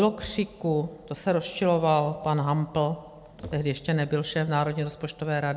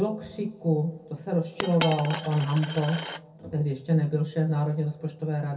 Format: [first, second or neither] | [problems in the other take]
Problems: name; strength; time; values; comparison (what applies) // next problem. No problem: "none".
first | background sound (Coin (dropping)); 11 dB below the speech // room echo; dies away in 0.3 s